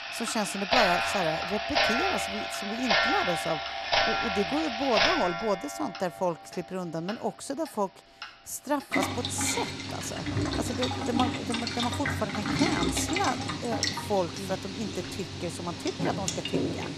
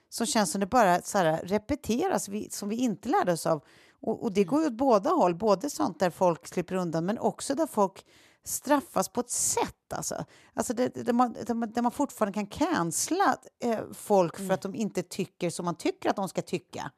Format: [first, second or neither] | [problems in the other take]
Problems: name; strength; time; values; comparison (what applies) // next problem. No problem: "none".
second | household noises; very loud; throughout; 3 dB above the speech